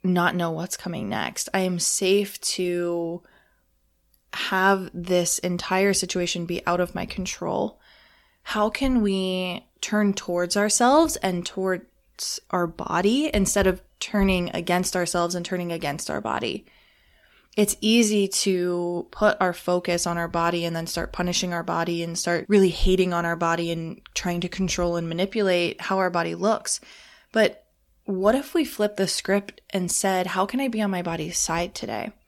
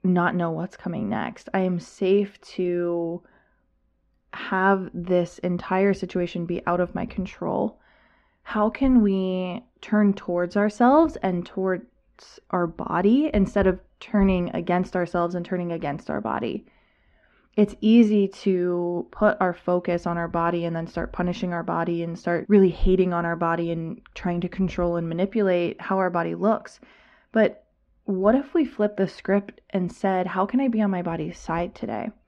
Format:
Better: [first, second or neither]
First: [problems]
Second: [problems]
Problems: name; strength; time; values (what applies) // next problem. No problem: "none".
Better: first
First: none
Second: muffled; very; fading above 1.5 kHz